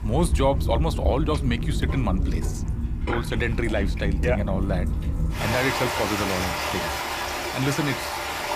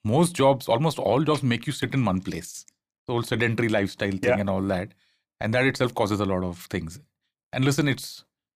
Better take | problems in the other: second | rain or running water; very loud; throughout; as loud as the speech

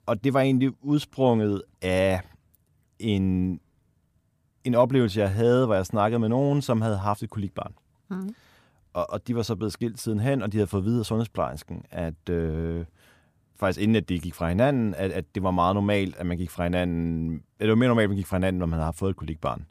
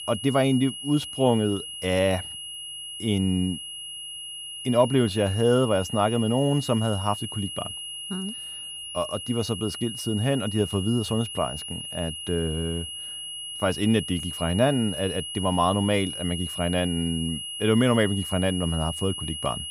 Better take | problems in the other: first | high-pitched whine; loud; throughout; 3 kHz, 7 dB below the speech

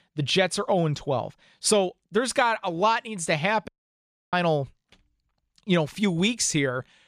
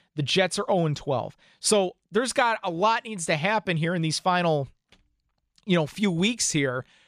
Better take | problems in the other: second | audio cutting out; at 3.5 s for 0.5 s

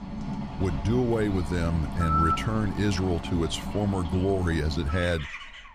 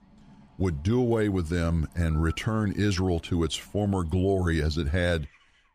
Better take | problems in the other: second | animal sounds; loud; throughout; 5 dB below the speech; faint in the second

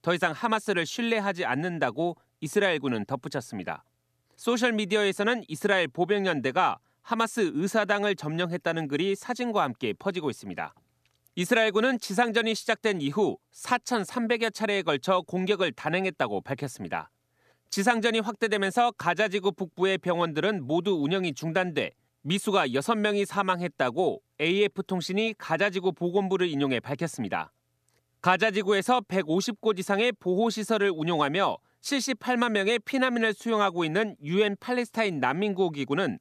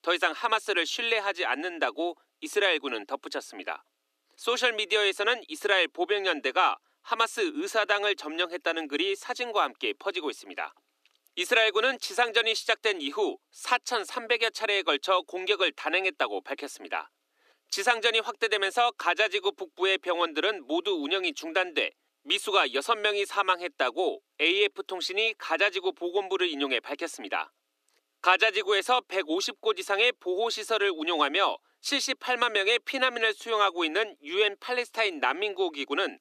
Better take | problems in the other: first | thin; somewhat; fading below 300 Hz

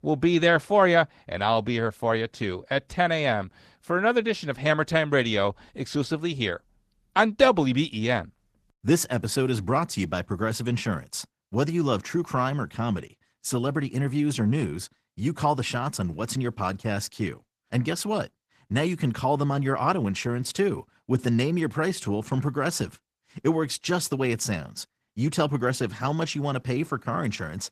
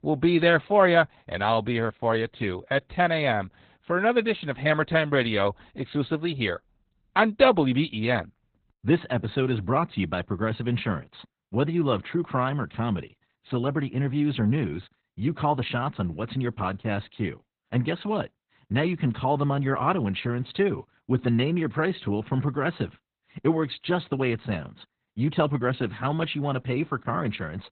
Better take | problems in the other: first | garbled, watery; badly; nothing above 4 kHz; slightly in the first

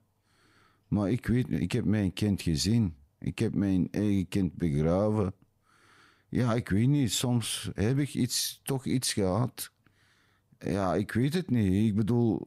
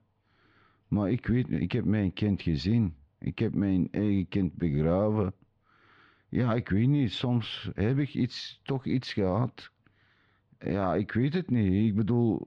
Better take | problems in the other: first | muffled; slightly; fading above 3.5 kHz

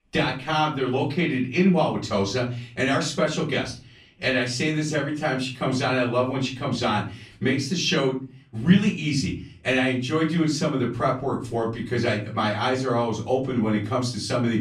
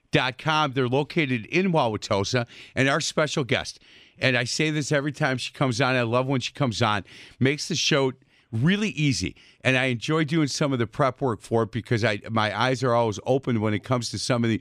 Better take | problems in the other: second | off-mic speech; far // room echo; slight; dies away in 0.3 s

